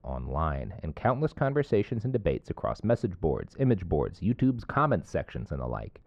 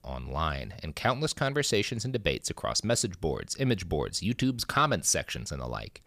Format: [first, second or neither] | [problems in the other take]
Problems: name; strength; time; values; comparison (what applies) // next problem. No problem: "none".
second | muffled; very; fading above 3 kHz